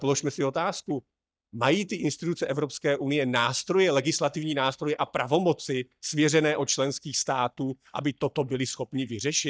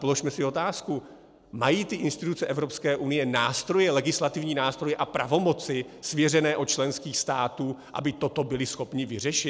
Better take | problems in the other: second | noise reduction (neural mask model DeepFilterNet 3)

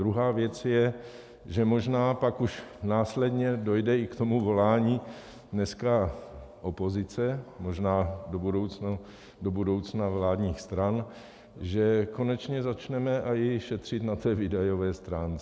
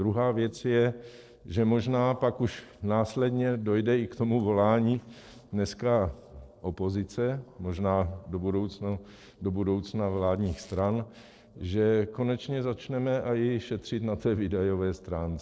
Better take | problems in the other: first | noise reduction (neural separator model SepFormer DNS4)

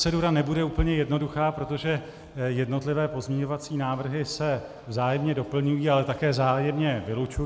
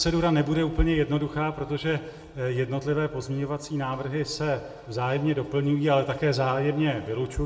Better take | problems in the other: first | room echo; dies away in 0.4 s

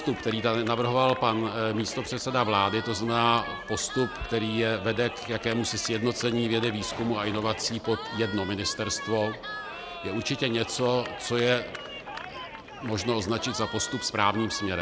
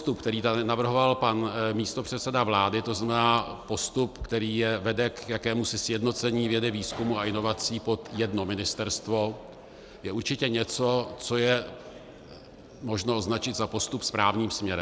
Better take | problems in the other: second | background sound (Cheering); 11 dB below the speech

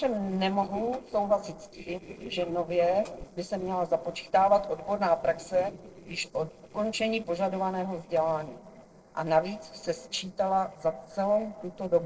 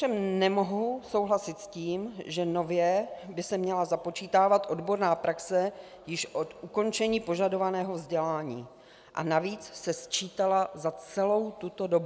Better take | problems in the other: second | noise reduction (neural separator model SepFormer DNS4)

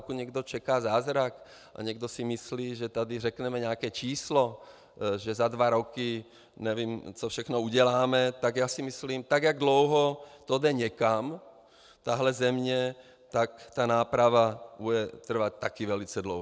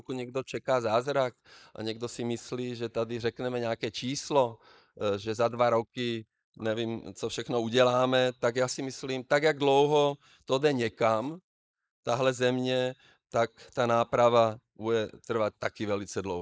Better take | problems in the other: first | noise reduction (neural mask model Resemble Enhance denoiser)

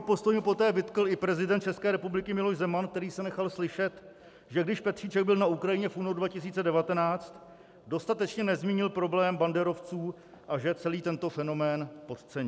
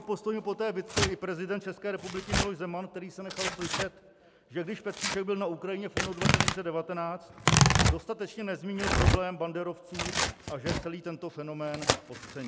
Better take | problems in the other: first | background sound (Tearing); 4 dB above the speech

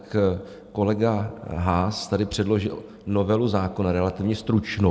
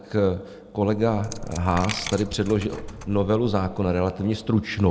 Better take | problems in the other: first | background sound (Coin (dropping)); 13 dB below the speech

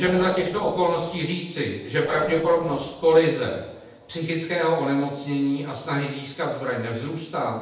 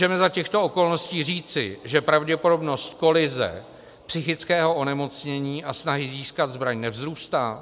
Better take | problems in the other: second | noise reduction (neural separator model SepFormer DNS4)

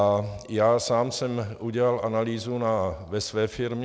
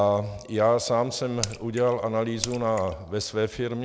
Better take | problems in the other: first | background sound (Raindrop / Splash, splatter); 12 dB below the speech

